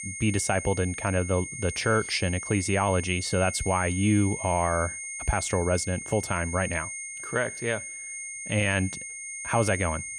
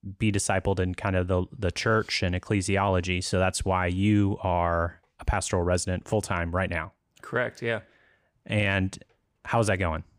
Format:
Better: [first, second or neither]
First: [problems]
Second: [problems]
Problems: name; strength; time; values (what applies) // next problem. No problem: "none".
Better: second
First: high-pitched whine; loud; throughout; 2 kHz, 7 dB below the speech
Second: none